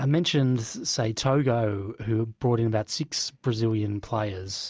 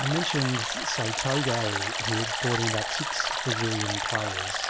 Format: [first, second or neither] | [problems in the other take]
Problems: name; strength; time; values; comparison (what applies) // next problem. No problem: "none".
first | background sound (Stream); 1 dB above the speech